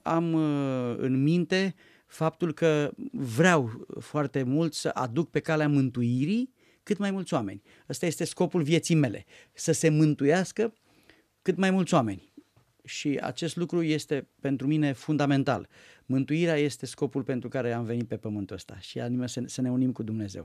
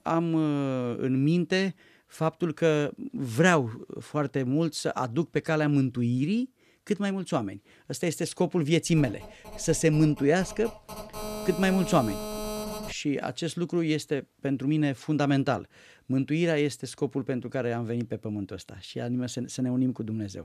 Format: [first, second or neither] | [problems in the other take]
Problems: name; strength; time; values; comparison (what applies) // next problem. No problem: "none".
first | phone ringing; noticeable; from 9 to 13 s; peak 6 dB below the speech